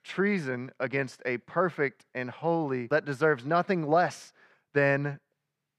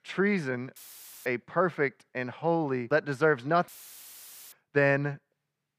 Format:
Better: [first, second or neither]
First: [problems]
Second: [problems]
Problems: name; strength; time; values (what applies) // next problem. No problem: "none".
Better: first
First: none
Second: audio cutting out; filled with static; at 1 s for 0.5 s and at 3.5 s for 1 s